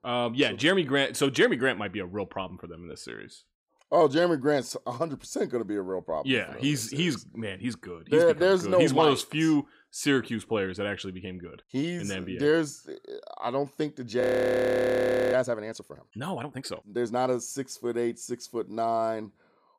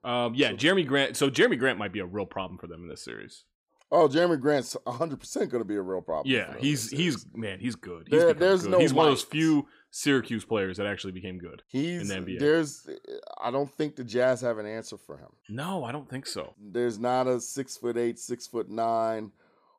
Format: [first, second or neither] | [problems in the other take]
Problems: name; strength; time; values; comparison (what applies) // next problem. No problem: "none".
second | audio freezing; at 14 s for 1 s